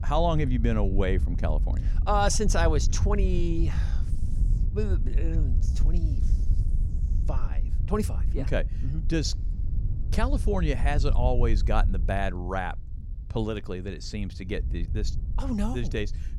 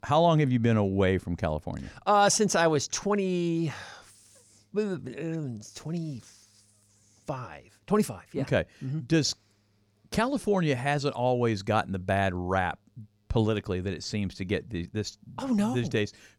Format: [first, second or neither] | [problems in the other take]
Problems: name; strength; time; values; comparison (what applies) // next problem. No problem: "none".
second | wind noise on the microphone; occasional gusts; 15 dB below the speech